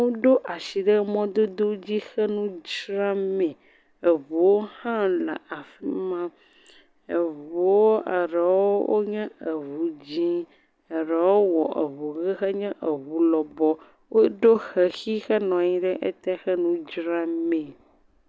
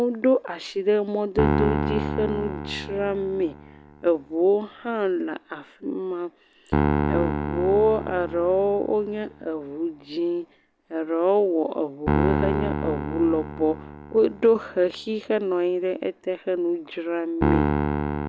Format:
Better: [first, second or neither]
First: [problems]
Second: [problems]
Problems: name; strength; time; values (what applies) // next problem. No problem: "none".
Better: first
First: none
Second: background sound (Piano); 4 dB below the speech